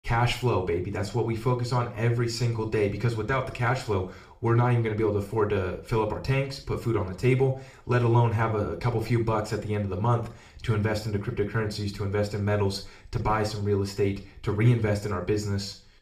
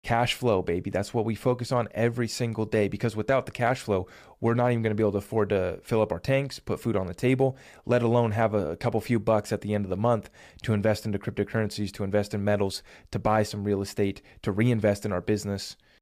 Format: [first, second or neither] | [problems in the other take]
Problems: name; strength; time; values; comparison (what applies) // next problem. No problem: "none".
second | room echo; very slight; dies away in 0.4 s // off-mic speech; somewhat distant